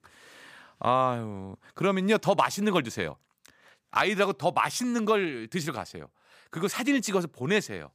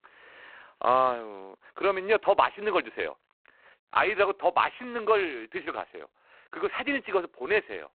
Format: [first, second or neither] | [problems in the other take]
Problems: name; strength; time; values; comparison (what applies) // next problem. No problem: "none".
first | phone-call audio; poor line; nothing above 4 kHz